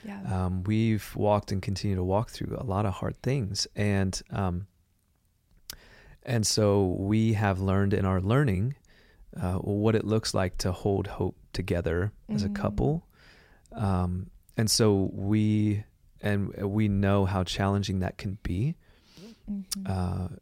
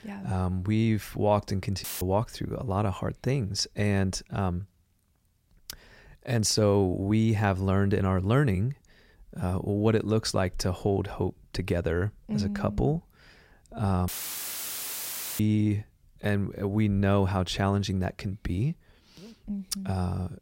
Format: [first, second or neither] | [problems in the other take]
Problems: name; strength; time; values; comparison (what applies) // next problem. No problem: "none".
first | audio cutting out; filled with static; at 2 s and at 14 s for 1.5 s